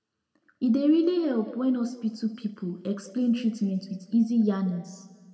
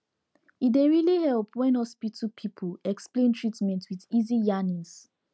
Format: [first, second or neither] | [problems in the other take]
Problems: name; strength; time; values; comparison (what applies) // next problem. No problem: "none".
second | room echo; dies away in 1.3 s